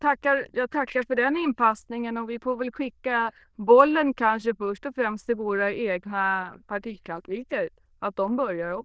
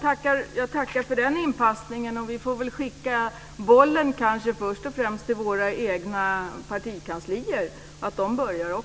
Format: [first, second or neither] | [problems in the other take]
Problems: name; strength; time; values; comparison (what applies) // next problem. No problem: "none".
second | noise reduction (neural diffusion model UNIVERSE++)